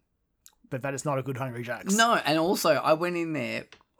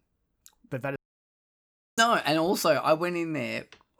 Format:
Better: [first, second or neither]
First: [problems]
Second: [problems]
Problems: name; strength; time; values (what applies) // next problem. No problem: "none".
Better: first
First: none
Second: audio cutting out; at 1 s for 1 s